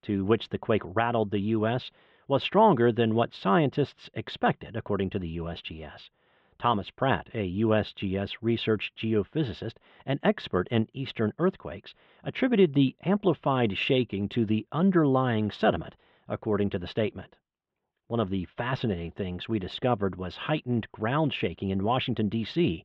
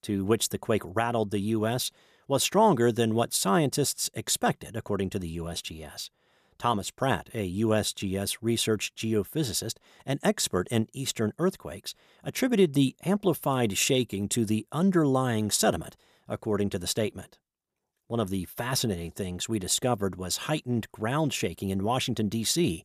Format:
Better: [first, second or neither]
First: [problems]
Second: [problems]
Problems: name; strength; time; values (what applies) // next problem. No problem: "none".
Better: second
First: muffled; very; fading above 3 kHz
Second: none